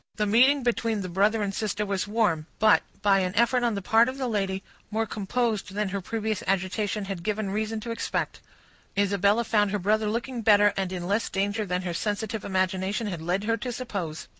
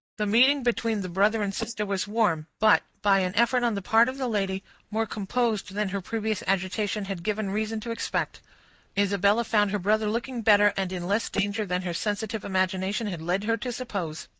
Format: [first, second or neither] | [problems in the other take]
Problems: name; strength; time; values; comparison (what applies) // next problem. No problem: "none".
first | noise reduction (neural mask model DeepFilterNet 3)